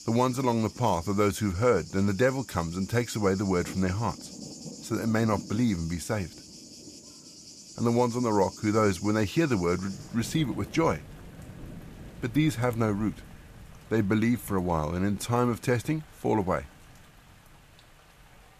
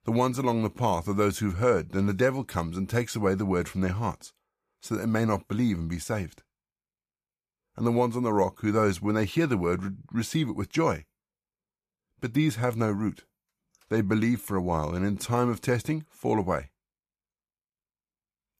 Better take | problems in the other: second | rain or running water; noticeable; throughout; 15 dB below the speech

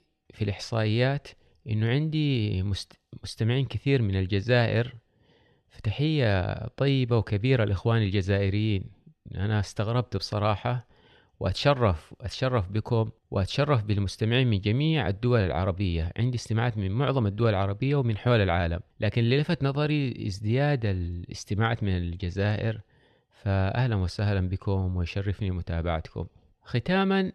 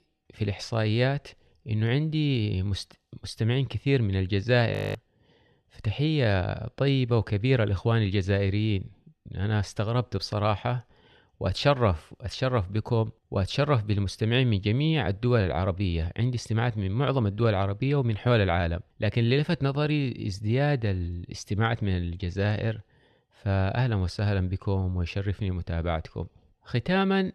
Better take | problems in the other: first | audio freezing; at 4.5 s

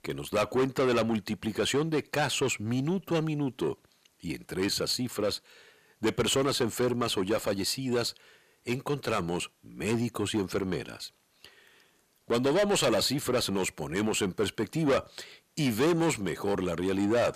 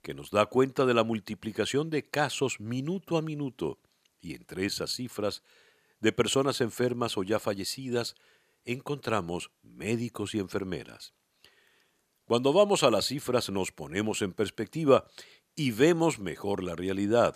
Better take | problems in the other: second | distortion; heavy; 6 dB below the speech

